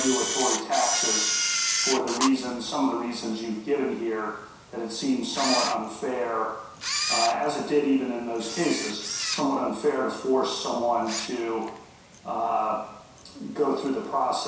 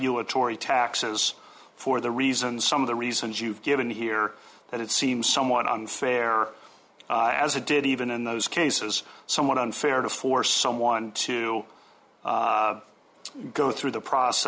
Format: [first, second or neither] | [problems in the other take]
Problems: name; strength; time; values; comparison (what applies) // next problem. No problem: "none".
second | background sound (Camera); 5 dB below the speech // room echo; dies away in 0.7 s